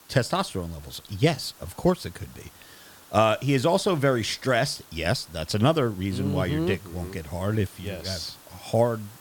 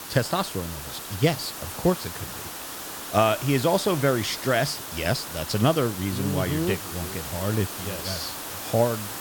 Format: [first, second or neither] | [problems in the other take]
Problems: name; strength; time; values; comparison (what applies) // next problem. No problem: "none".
first | hiss; loud; throughout; 8 dB below the speech; faint in the first